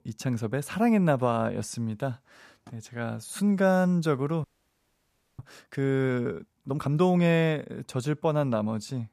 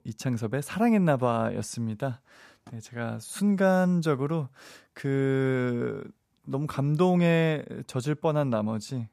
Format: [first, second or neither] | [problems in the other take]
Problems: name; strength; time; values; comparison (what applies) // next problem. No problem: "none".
second | audio freezing; at 4.5 s for 1 s